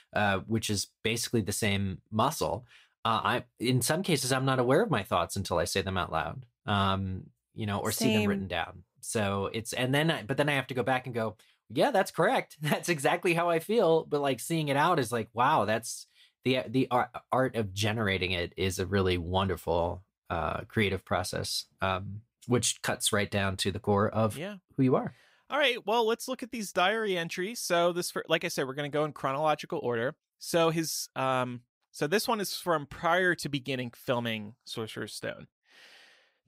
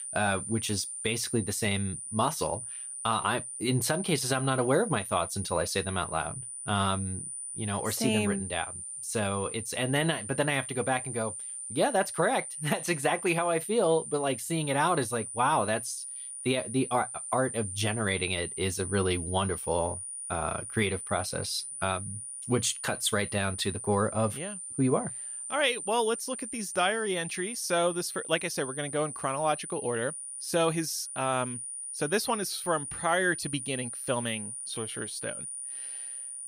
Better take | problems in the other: first | high-pitched whine; loud; throughout; 9 kHz, 6 dB below the speech

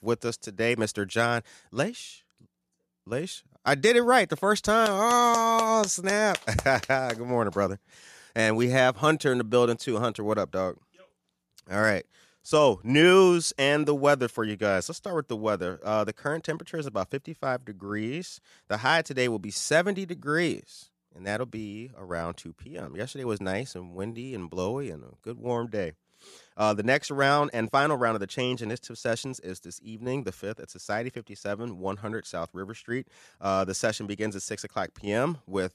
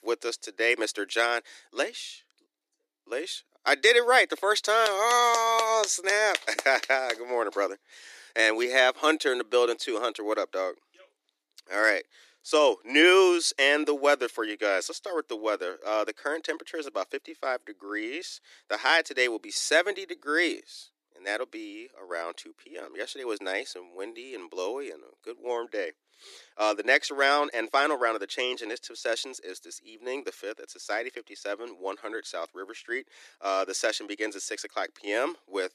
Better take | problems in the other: first | thin; somewhat; fading below 300 Hz

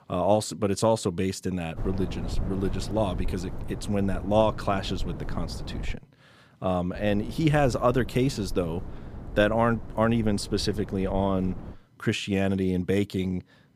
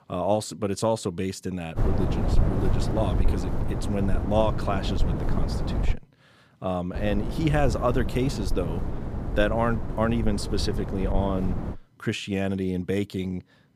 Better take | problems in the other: first | wind noise on the microphone; heavy; from 2 to 6 s and from 7 to 12 s; 8 dB below the speech; occasional gusts in the first

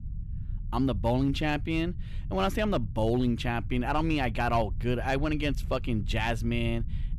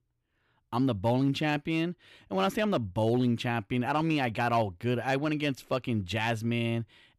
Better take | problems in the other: second | low rumble; faint; throughout; 25 dB below the speech

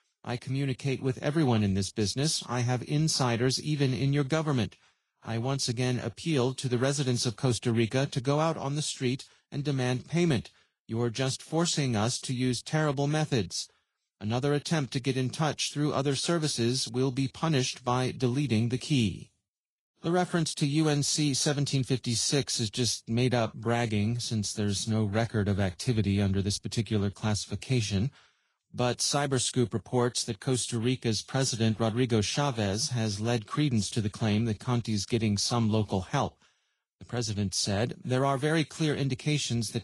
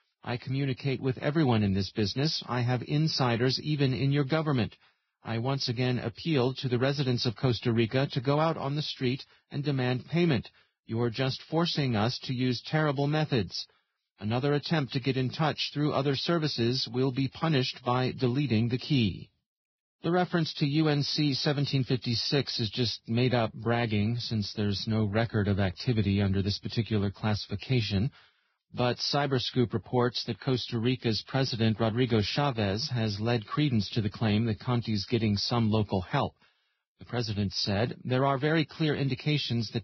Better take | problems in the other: first | garbled, watery; badly; nothing above 5.5 kHz; slightly in the first

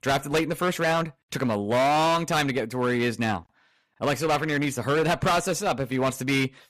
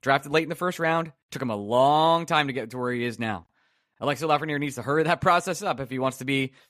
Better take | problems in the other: second | distortion; heavy; 16% of the sound clipped

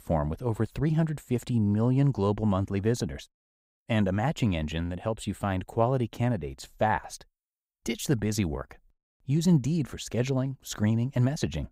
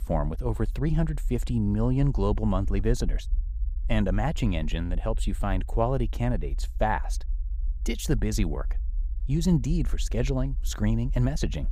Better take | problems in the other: first | low rumble; faint; throughout; 25 dB below the speech

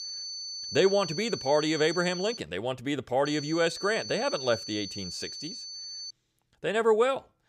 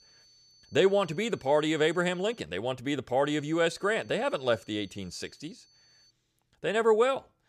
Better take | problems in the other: second | high-pitched whine; loud; until 2.5 s and from 3.5 to 6 s; 4.5 kHz, 9 dB below the speech; faint in the second

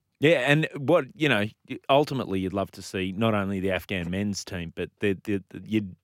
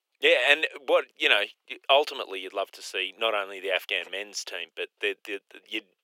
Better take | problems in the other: first | thin; very; fading below 400 Hz

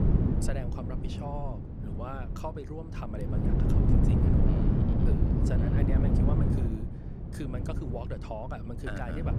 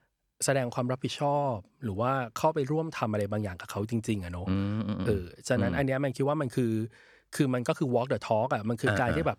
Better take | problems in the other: second | wind noise on the microphone; heavy; 3 dB above the speech

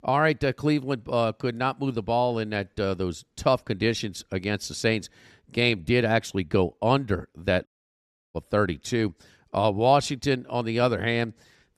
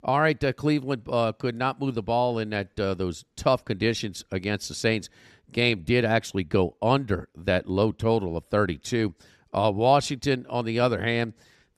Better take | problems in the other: second | audio cutting out; at 7.5 s for 0.5 s

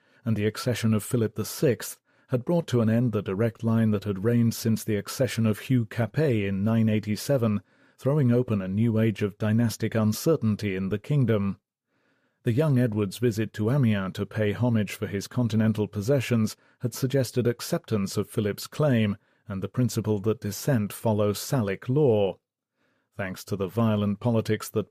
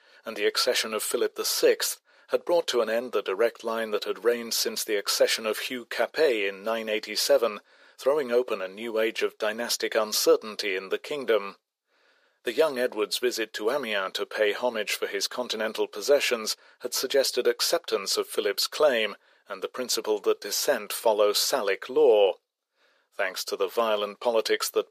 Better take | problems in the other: first | thin; very; fading below 400 Hz

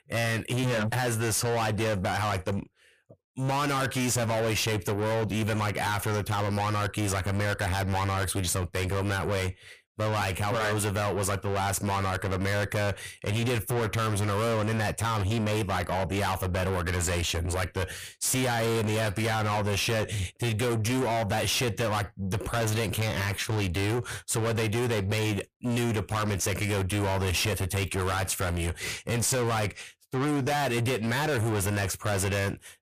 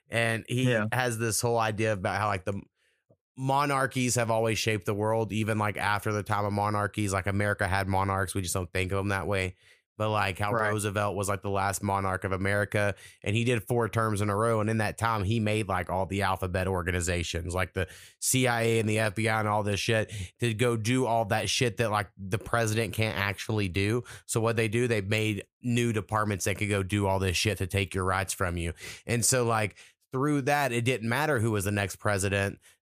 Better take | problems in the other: second | distortion; heavy; 5 dB below the speech

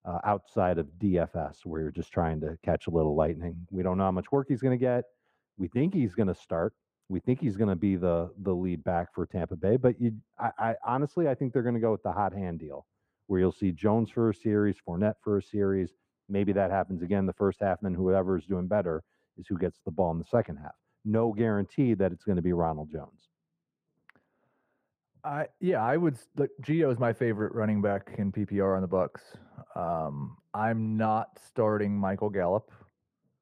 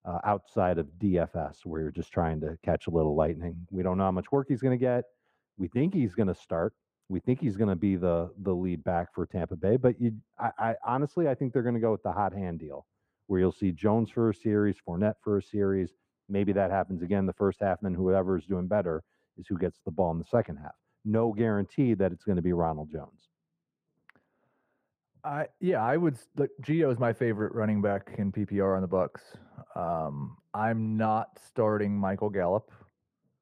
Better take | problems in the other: neither | muffled; very; fading above 2.5 kHz; the same in both

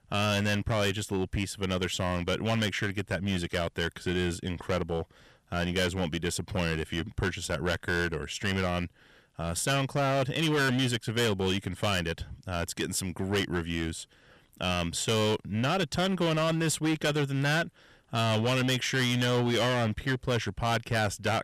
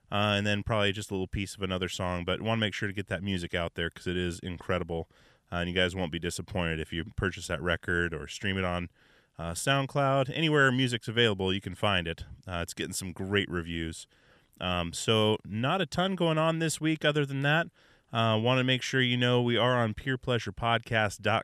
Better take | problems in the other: second | distortion; heavy; 14% of the sound clipped

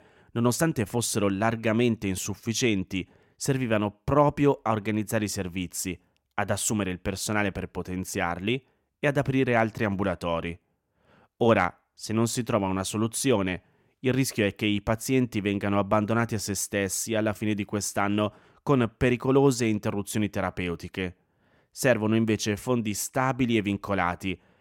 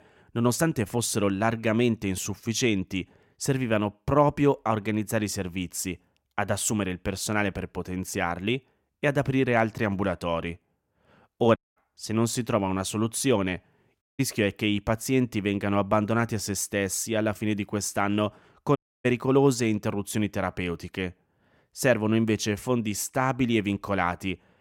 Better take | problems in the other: first | audio cutting out; at 12 s, at 14 s and at 19 s

